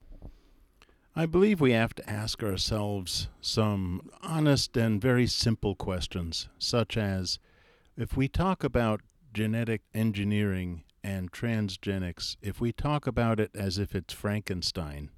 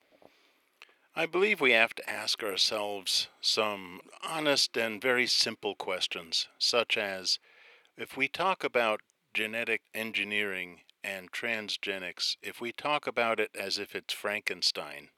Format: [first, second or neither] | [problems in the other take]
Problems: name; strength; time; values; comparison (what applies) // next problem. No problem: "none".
first | thin; very; fading below 550 Hz